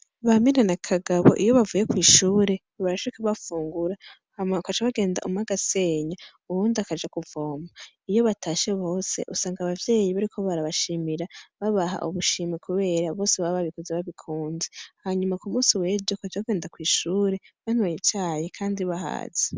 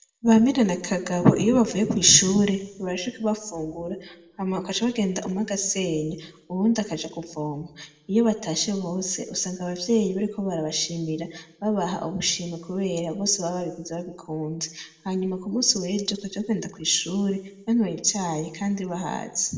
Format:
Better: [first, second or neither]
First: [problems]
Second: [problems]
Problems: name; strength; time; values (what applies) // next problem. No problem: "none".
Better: first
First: none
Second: room echo; dies away in 0.6 s